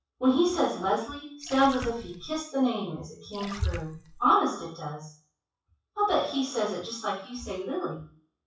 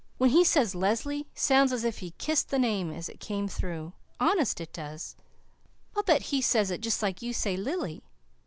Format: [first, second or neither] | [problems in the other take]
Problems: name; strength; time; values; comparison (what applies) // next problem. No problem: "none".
second | noise reduction (classical method WPE with log-MMSE)